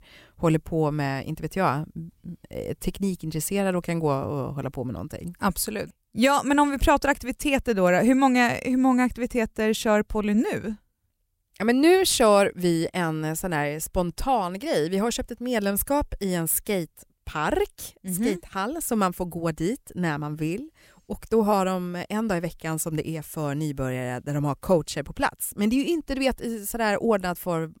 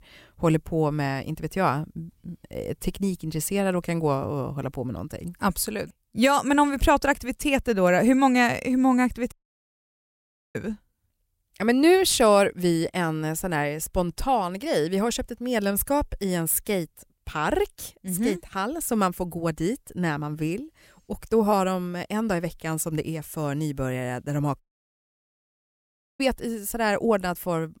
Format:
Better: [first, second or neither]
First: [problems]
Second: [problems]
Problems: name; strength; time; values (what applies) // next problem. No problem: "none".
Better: first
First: none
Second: audio cutting out; at 9.5 s for 1 s and at 25 s for 1.5 s